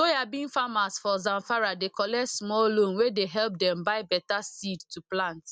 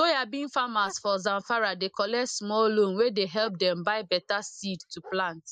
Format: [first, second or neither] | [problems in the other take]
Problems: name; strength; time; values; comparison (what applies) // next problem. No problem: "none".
first | noise reduction (neural mask model Resemble Enhance denoiser)